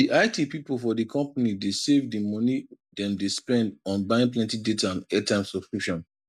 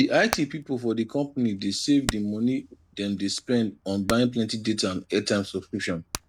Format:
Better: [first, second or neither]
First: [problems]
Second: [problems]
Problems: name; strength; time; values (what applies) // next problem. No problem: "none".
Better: first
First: none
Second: background sound (Hammer); 14 dB below the speech